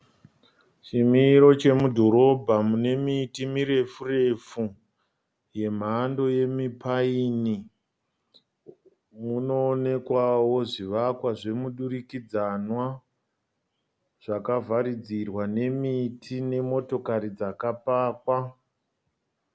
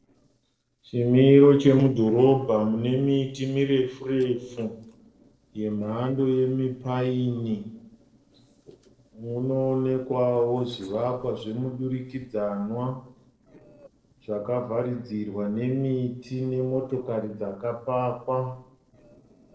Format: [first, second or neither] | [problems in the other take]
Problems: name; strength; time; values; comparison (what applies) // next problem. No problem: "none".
first | noise reduction (neural separator model SepFormer DNS4)